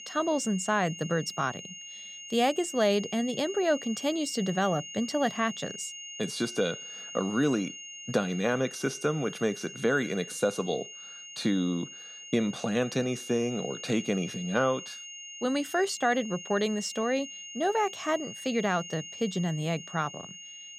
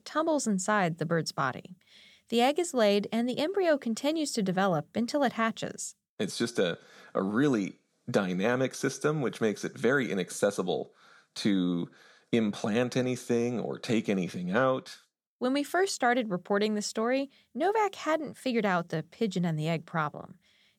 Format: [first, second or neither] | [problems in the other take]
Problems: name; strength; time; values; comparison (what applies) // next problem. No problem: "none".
second | high-pitched whine; noticeable; throughout; 3 kHz, 10 dB below the speech